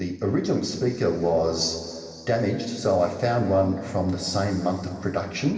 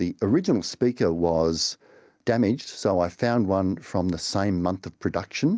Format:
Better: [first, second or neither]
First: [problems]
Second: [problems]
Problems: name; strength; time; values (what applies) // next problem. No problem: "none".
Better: second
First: room echo; dies away in 2.5 s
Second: none